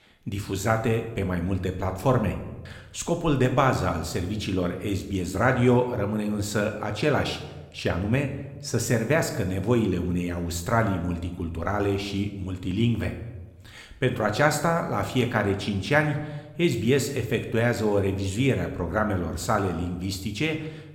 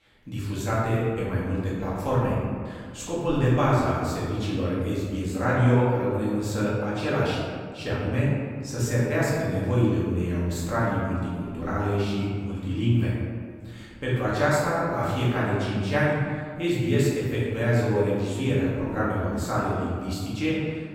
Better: first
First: room echo; slight; dies away in 0.8 s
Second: room echo; strong; dies away in 1.7 s // off-mic speech; far

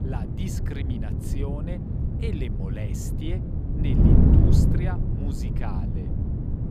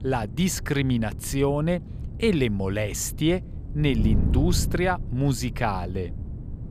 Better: second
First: wind noise on the microphone; heavy; 5 dB above the speech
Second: wind noise on the microphone; occasional gusts; 15 dB below the speech

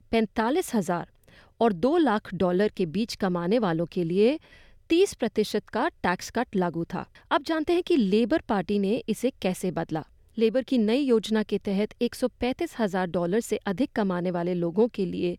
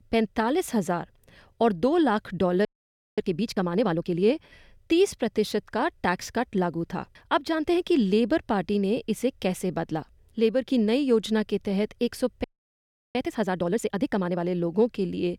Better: first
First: none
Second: audio freezing; at 2.5 s for 0.5 s and at 12 s for 0.5 s

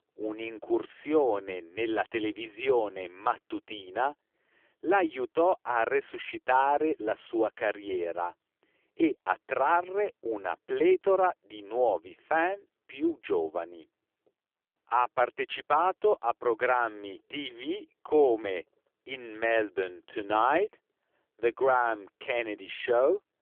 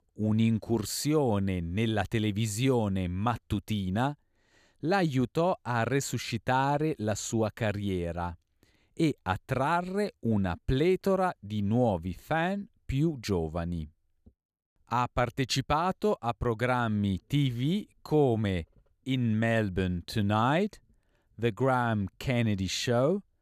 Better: second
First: phone-call audio; poor line; nothing above 3.5 kHz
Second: none

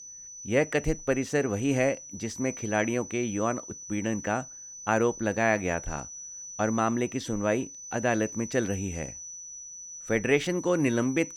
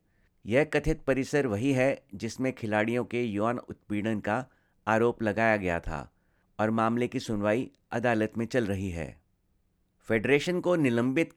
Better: second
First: high-pitched whine; noticeable; throughout; 6 kHz, 10 dB below the speech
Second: none

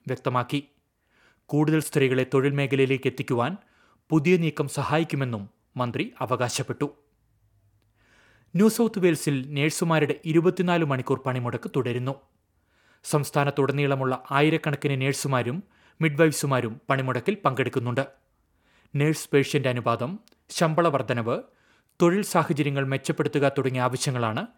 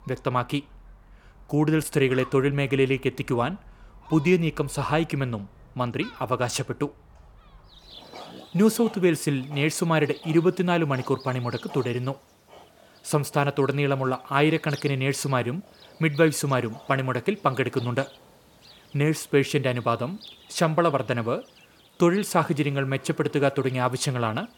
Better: first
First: none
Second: animal sounds; faint; throughout; 25 dB below the speech

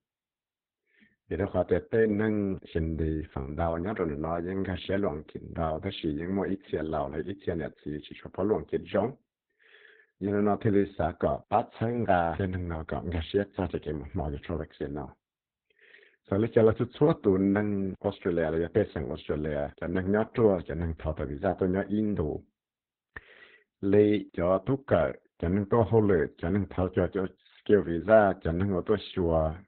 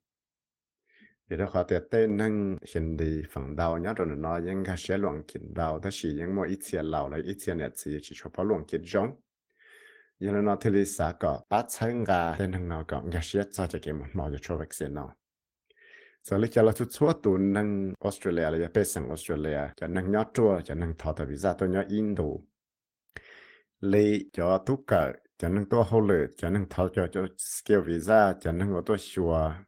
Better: second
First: garbled, watery; badly; nothing above 4 kHz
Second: garbled, watery; slightly; nothing above 16.5 kHz

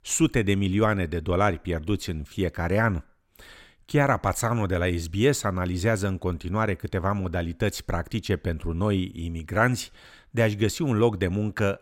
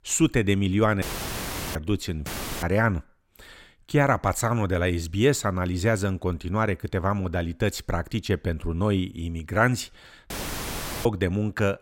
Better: first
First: none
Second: audio cutting out; filled with static; at 1 s for 0.5 s, at 2.5 s and at 10 s for 1 s

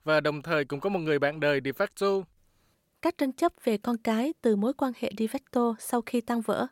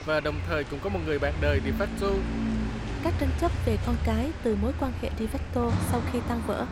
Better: first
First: none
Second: traffic noise; loud; throughout; 1 dB below the speech

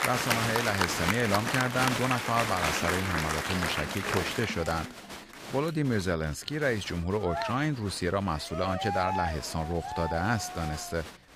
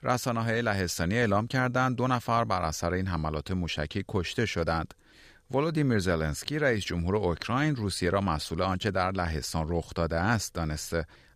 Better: second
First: crowd noise; loud; throughout; 1 dB below the speech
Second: none

